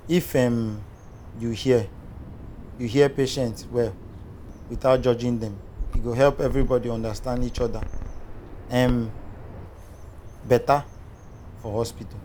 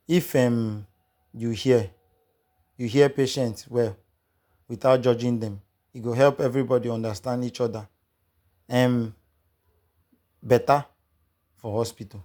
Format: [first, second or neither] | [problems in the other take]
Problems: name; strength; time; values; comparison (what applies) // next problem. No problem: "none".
second | background sound (Bird vocalization, bird call, bird song); 8 dB below the speech